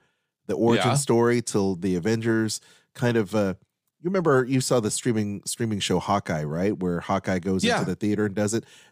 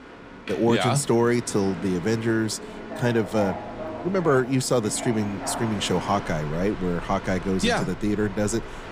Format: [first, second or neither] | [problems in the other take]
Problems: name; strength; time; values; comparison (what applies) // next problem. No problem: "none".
first | train or aircraft noise; noticeable; throughout; 10 dB below the speech